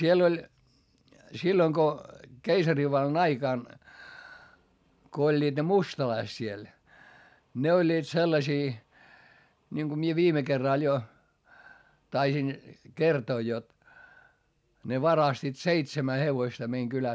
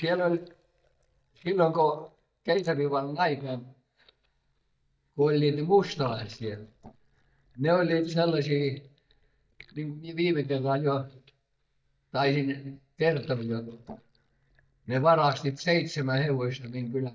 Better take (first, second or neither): first